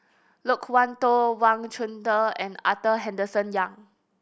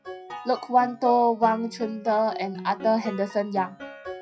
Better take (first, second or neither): first